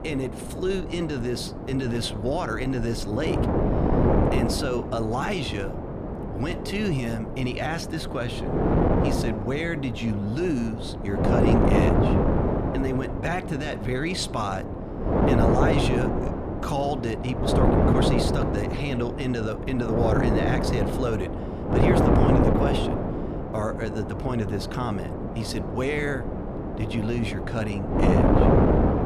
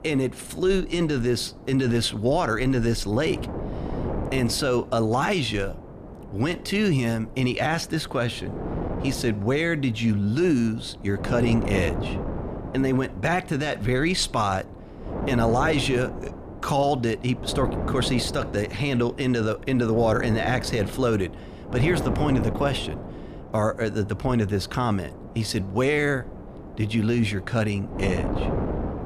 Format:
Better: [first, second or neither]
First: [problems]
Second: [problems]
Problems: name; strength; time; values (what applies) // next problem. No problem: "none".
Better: second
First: wind noise on the microphone; heavy; 2 dB above the speech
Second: wind noise on the microphone; occasional gusts; 10 dB below the speech